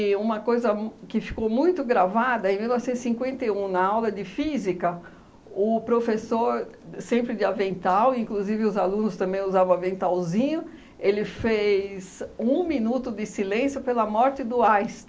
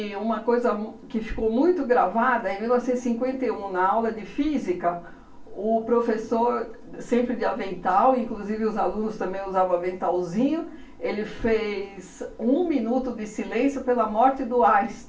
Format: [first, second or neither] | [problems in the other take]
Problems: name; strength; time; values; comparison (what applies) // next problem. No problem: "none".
first | room echo; dies away in 0.3 s